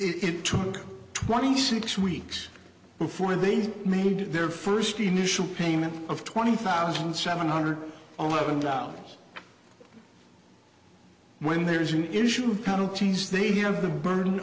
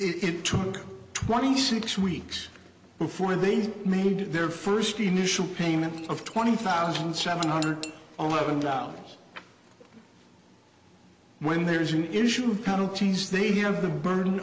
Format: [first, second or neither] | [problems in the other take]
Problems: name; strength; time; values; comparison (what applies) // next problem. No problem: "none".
first | background sound (Cutlery, silverware / Dishes, pots, and pans); 16 dB below the speech